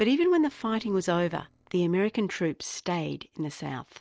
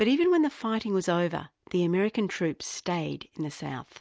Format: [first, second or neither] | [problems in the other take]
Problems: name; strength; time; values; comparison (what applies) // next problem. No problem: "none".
second | noise reduction (neural separator model SepFormer DNS4)